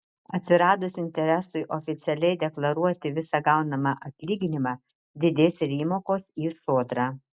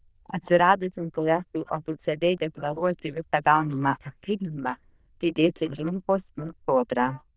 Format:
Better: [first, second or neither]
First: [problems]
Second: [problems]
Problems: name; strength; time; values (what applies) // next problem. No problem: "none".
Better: first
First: none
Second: noise reduction (neural diffusion model UNIVERSE++)